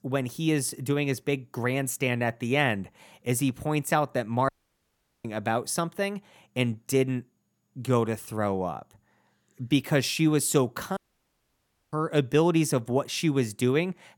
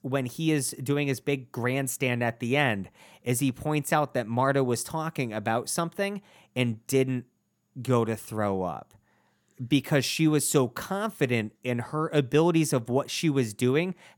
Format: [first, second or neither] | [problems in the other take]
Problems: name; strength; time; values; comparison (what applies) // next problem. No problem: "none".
second | audio cutting out; at 4.5 s for 1 s and at 11 s for 1 s